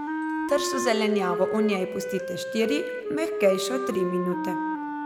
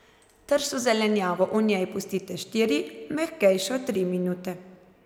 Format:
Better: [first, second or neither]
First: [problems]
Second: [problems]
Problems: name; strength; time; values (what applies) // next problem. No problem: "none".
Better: second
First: background sound (Wind instrument, woodwind instrument); 3 dB below the speech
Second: none